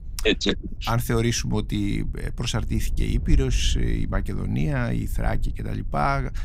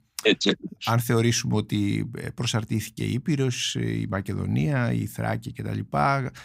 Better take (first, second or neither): second